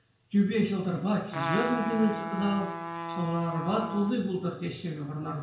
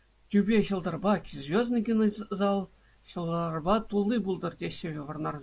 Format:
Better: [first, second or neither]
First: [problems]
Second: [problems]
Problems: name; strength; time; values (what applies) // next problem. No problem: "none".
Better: second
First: background sound (Trumpet); 8 dB below the speech // room echo; dies away in 0.5 s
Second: none